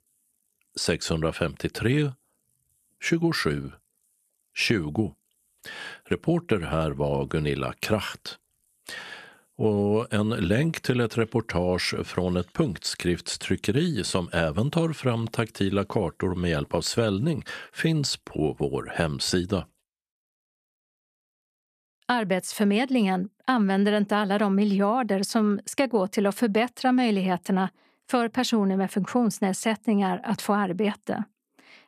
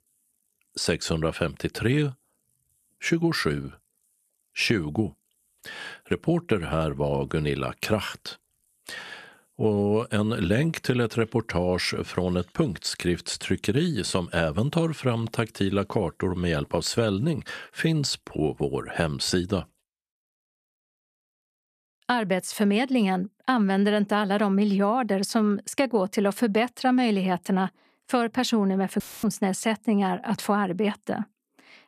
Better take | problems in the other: first | audio cutting out; filled with static; at 29 s

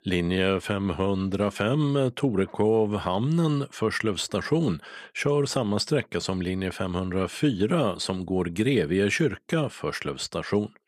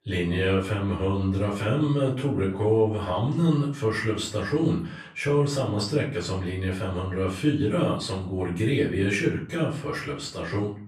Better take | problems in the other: first | off-mic speech; far // room echo; slight; dies away in 0.4 s

